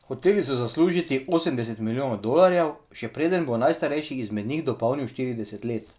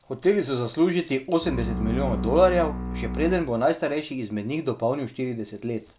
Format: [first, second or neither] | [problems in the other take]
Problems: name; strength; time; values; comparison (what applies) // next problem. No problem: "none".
first | background sound (Bowed string instrument); 5 dB below the speech